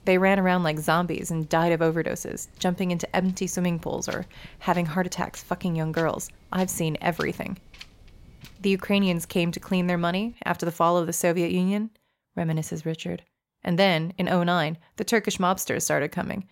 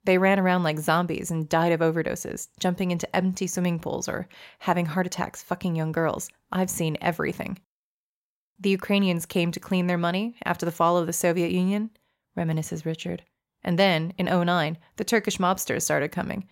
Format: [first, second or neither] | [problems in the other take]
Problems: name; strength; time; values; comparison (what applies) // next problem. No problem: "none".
second | wind noise on the microphone; occasional gusts; until 10 s; 25 dB below the speech